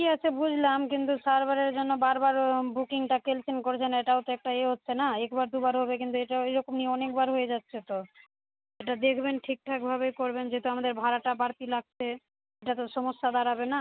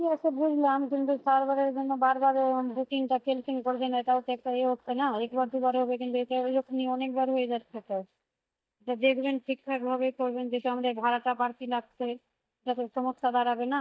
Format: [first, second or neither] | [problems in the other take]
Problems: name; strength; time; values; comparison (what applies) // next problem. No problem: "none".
first | noise reduction (neural mask model DeepFilterNet 3)